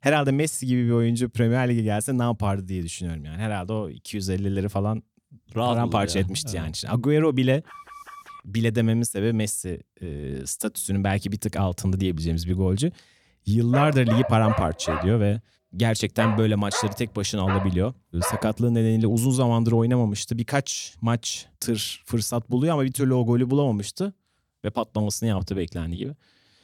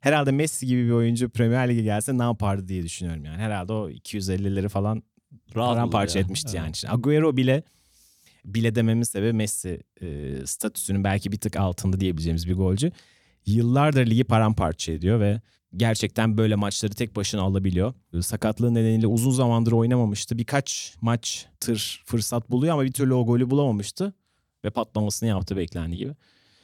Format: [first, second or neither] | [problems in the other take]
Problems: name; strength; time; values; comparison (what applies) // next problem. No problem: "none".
second | alarm; faint; at 7.5 s; peak 20 dB below the speech // dog barking; noticeable; from 14 to 18 s; peak 5 dB below the speech